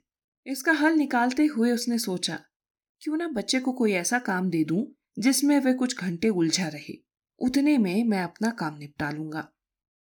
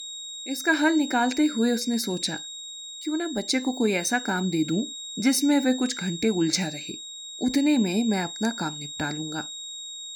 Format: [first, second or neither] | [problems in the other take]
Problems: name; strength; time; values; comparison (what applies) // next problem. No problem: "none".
first | high-pitched whine; loud; throughout; 4 kHz, 9 dB below the speech